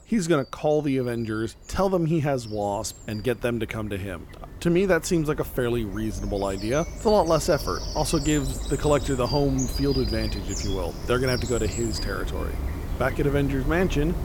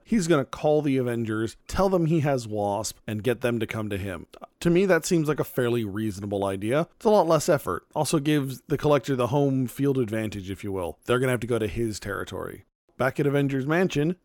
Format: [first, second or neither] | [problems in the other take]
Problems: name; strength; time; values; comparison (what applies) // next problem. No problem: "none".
second | animal sounds; loud; throughout; 7 dB below the speech